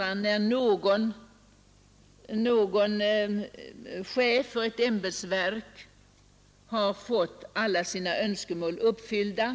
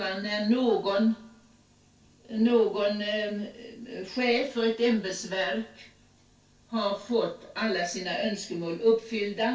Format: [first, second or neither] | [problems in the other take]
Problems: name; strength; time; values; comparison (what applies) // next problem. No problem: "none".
first | room echo; dies away in 0.2 s